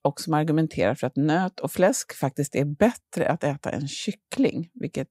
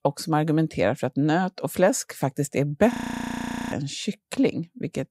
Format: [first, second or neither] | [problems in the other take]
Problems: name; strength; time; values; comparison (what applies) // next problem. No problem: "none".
first | audio freezing; at 3 s for 1 s